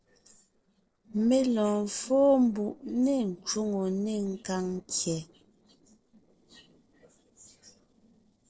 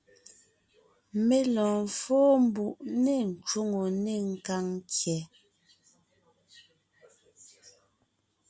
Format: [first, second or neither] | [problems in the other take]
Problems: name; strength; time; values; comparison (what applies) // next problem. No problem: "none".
second | noise reduction (neural separator model SepFormer DNS4)